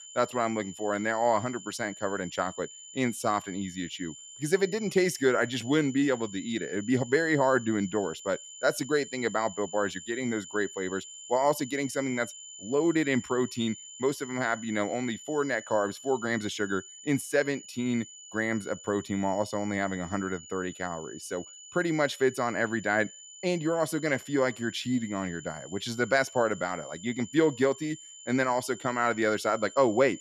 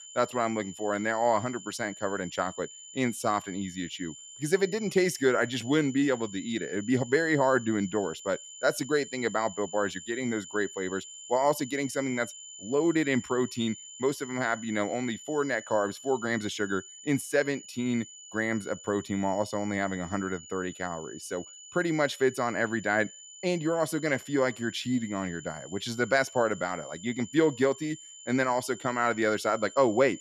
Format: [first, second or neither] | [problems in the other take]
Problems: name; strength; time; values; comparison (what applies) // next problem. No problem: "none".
neither | high-pitched whine; noticeable; throughout; 7 kHz, 15 dB below the speech; the same in both